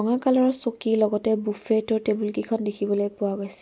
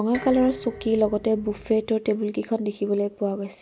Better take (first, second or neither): first